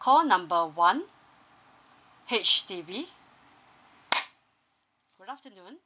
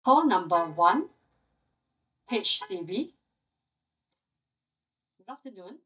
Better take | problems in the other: first | noise reduction (neural mask model DeepFilterNet 3)

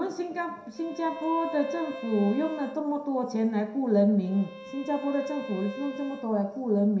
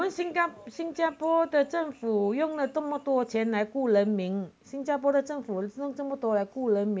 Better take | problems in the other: second | background sound (Bowed string instrument); 16 dB below the speech // room echo; dies away in 0.7 s

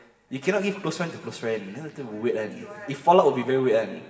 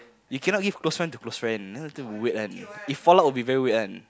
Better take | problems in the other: second | room echo; dies away in 1.8 s

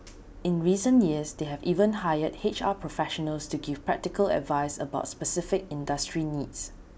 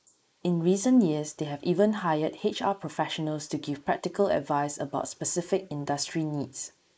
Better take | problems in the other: first | noise reduction (neural mask model Resemble Enhance denoiser)

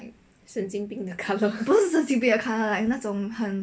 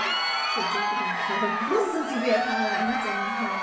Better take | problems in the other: first | background sound (Crowd); 3 dB above the speech // room echo; dies away in 0.7 s

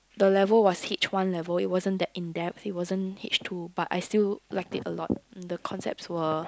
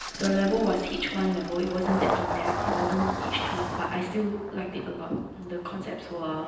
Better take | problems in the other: first | background sound (Engine starting); 3 dB below the speech // room echo; dies away in 0.9 s

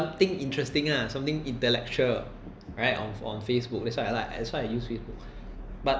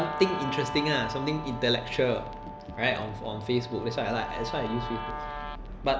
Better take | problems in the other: first | background sound (Guitar); 8 dB below the speech

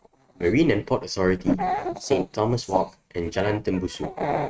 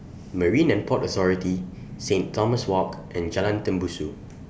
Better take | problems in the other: second | noise reduction (neural mask model RNNoise)

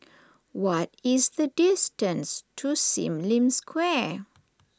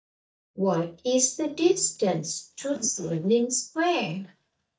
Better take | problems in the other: first | noise reduction (neural mask model DeepFilterNet 3)

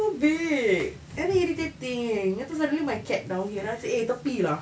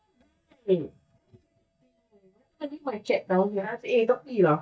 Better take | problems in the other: first | noise reduction (neural mask model DeepFilterNet 3)

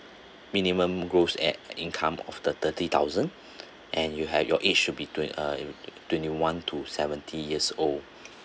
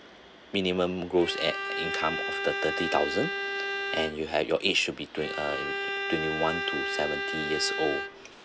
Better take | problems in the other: first | background sound (Bowed string instrument); 2 dB below the speech

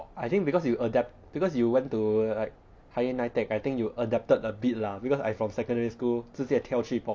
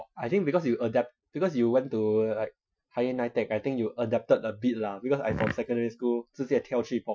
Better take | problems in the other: first | noise reduction (classical method Wiener filter)

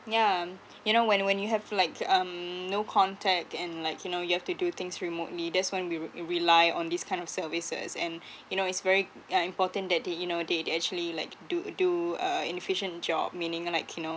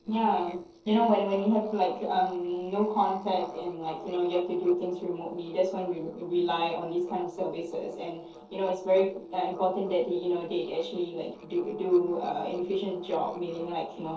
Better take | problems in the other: first | noise reduction (neural separator model SepFormer DNS4)

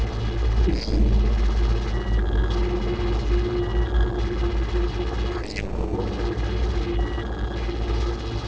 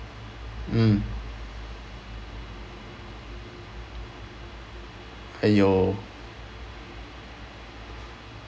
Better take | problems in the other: second | noise reduction (neural separator model SepFormer DNS4)

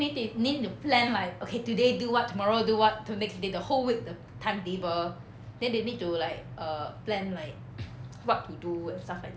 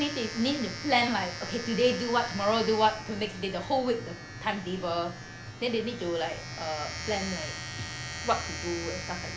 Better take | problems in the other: first | background sound (Domestic sounds, home sounds); 10 dB below the speech

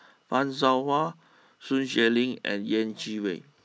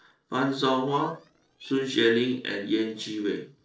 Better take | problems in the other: first | noise reduction (neural separator model SepFormer DNS4)

